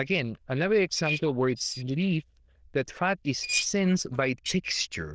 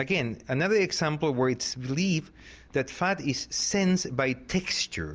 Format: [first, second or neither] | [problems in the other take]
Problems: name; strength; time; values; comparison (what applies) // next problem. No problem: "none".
second | noise reduction (neural diffusion model UNIVERSE++)